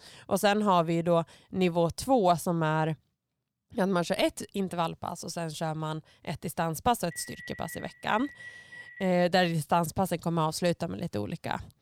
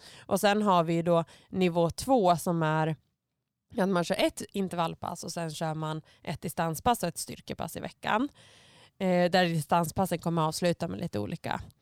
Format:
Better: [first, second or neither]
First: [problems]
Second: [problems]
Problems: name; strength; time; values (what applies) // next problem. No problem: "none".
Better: second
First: phone ringing; faint; from 7 to 9 s; peak 15 dB below the speech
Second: none